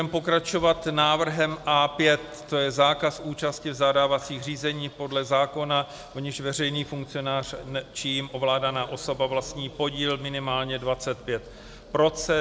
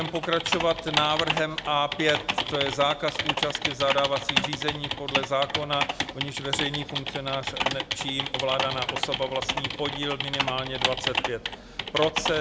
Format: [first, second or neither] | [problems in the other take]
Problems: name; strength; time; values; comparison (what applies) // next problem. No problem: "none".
first | background sound (Typing); 1 dB below the speech